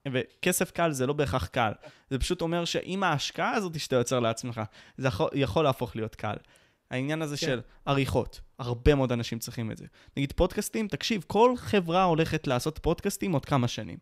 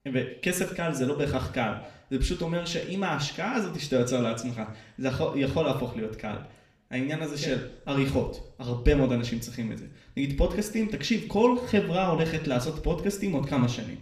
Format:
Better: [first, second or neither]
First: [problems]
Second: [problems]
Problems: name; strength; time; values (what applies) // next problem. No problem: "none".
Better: first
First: none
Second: room echo; slight; dies away in 0.6 s // off-mic speech; somewhat distant